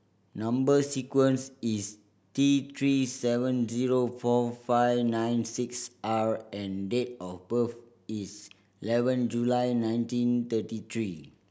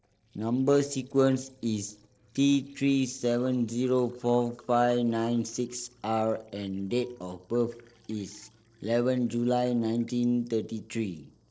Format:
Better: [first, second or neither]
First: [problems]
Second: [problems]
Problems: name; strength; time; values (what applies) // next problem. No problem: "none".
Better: first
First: none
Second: noise reduction (neural separator model SepFormer DNS4)